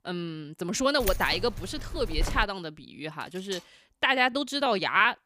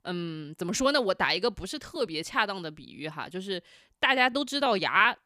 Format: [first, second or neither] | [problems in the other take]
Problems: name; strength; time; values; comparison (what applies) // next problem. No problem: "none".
second | jangling keys; noticeable; from 1 to 2.5 s; peak 6 dB below the speech // clattering dishes; faint; at 3 s; peak 15 dB below the speech